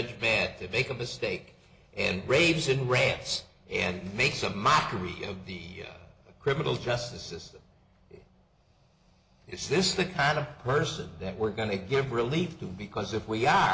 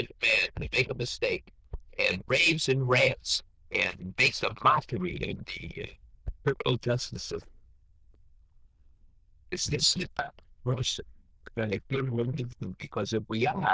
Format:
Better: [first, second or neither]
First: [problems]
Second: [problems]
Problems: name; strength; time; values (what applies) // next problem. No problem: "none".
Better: first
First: none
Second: noise reduction (neural diffusion model UNIVERSE++)